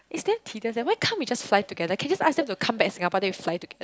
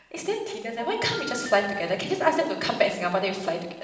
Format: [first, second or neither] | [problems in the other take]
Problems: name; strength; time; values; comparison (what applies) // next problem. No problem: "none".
first | background sound (Telephone); 11 dB below the speech // room echo; dies away in 1.1 s